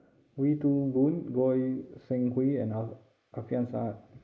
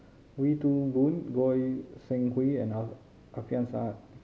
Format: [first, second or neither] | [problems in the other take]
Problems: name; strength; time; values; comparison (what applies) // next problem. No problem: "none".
second | noise reduction (neural mask model Resemble Enhance denoiser)